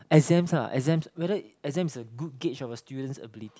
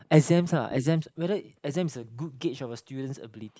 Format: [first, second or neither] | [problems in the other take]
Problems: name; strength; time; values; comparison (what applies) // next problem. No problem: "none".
first | noise reduction (neural mask model Resemble Enhance denoiser)